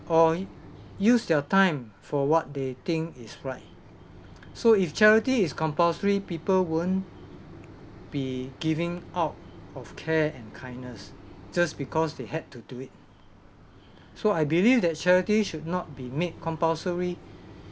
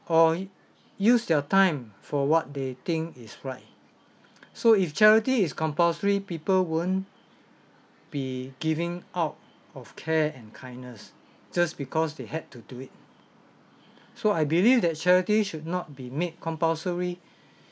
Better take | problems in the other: second | background sound (Mechanisms); 19 dB below the speech

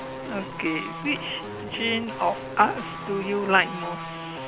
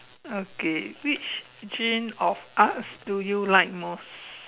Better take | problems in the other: second | background sound (Guitar); 8 dB below the speech

